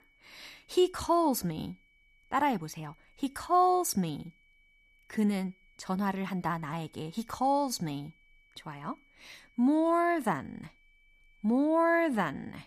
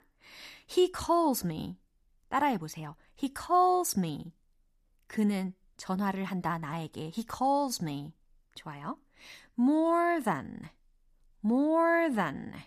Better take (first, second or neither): second